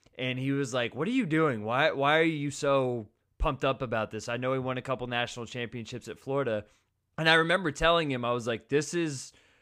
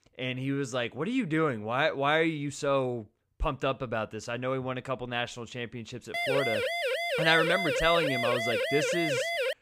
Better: first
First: none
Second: siren; loud; from 6 s on; peak 1 dB above the speech

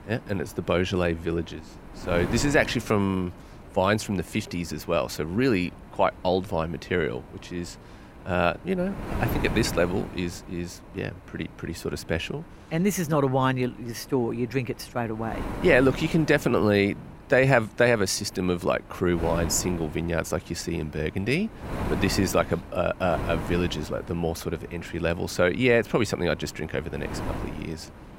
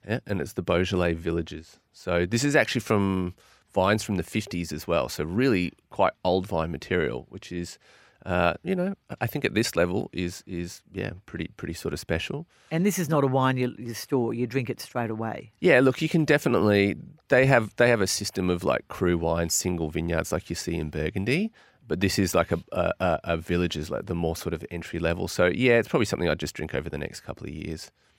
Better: second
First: wind noise on the microphone; occasional gusts; 15 dB below the speech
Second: none

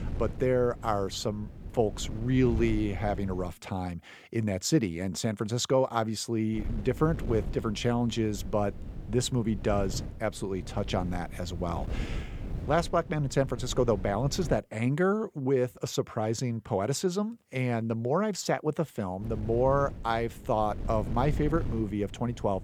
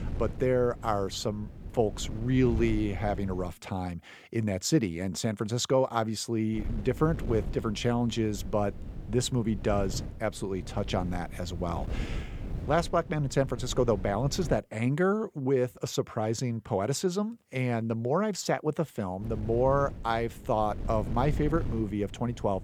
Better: neither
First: wind noise on the microphone; occasional gusts; until 3.5 s, from 6.5 to 15 s and from 19 s on; 20 dB below the speech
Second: wind noise on the microphone; occasional gusts; until 3.5 s, from 6.5 to 15 s and from 19 s on; 20 dB below the speech

